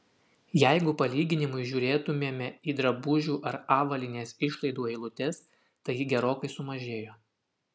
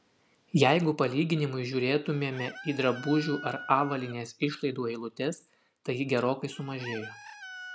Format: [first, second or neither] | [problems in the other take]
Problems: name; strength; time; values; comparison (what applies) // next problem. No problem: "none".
first | background sound (Chicken, rooster); 17 dB below the speech